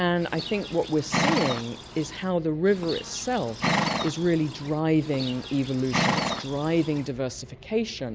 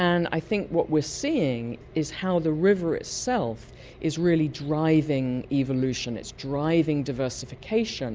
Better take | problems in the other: second | background sound (Livestock, farm animals, working animals); 4 dB below the speech

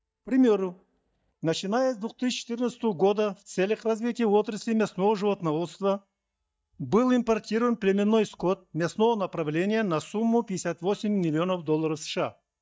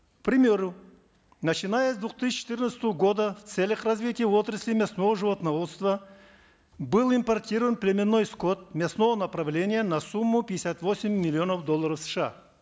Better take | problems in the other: second | noise reduction (neural mask model DeepFilterNet 3)

